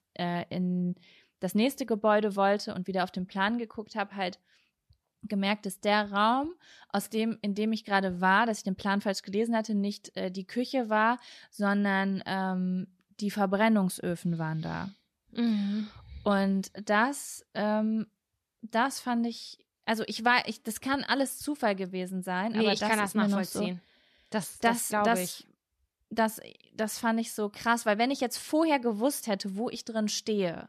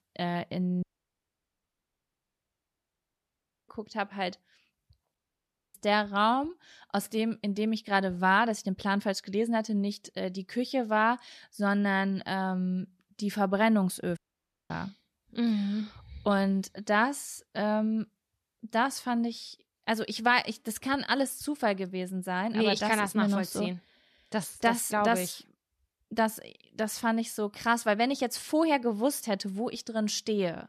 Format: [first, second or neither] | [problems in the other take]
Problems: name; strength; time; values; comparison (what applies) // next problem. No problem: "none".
first | audio cutting out; at 1 s for 3 s, at 5 s for 0.5 s and at 14 s for 0.5 s